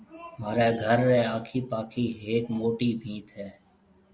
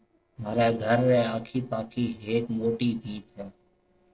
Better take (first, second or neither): first